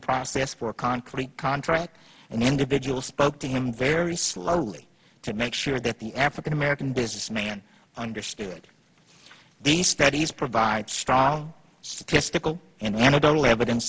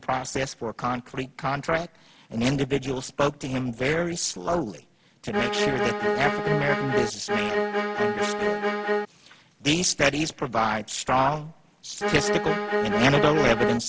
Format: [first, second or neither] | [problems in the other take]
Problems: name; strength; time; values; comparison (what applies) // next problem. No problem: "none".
first | background sound (Bowed string instrument); 1 dB above the speech